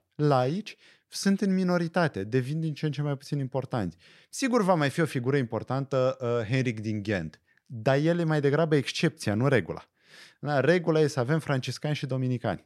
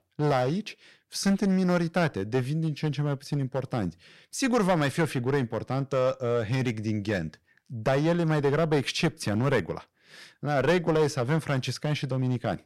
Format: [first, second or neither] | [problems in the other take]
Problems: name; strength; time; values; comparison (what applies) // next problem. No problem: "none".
first | distortion; slight; 6% of the sound clipped